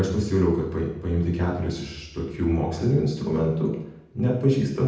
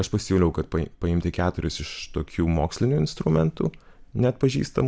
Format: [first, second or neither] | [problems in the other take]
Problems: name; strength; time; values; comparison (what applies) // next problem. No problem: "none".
second | room echo; dies away in 0.8 s